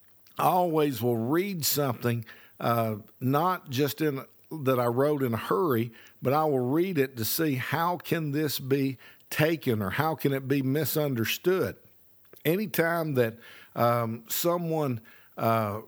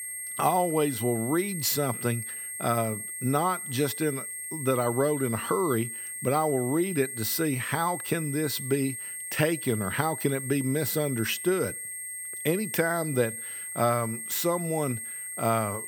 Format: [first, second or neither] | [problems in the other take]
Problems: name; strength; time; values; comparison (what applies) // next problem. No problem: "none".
first | high-pitched whine; loud; throughout; 8.5 kHz, 6 dB below the speech